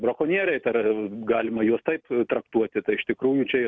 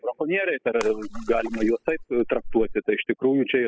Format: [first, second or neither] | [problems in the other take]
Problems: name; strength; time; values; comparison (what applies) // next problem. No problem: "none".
first | noise reduction (classical method spectral subtraction)